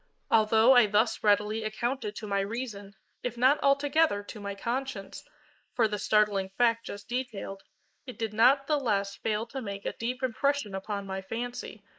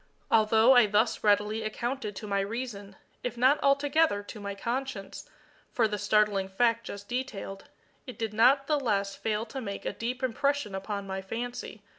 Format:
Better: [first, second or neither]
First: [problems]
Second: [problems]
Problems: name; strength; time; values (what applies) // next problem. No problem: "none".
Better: second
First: noise reduction (neural mask model Resemble Enhance denoiser)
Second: none